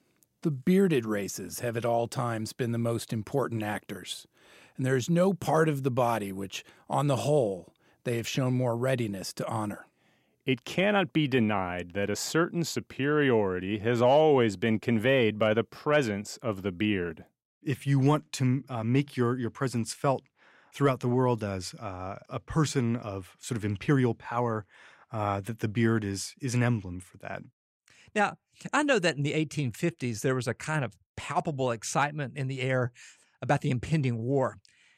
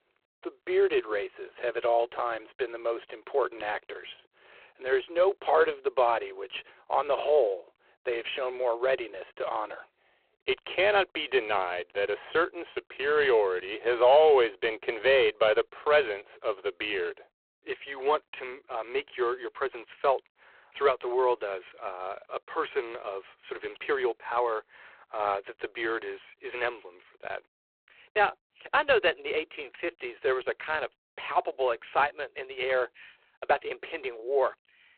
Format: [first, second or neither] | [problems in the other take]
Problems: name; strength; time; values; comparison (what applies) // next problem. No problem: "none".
first | phone-call audio; poor line